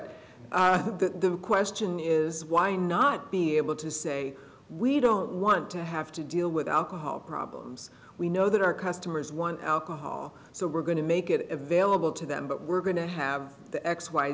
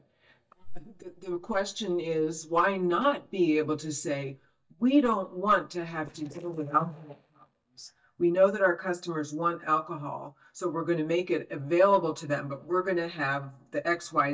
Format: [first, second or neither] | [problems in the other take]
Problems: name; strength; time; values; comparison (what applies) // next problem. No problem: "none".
first | noise reduction (neural mask model DeepFilterNet 3)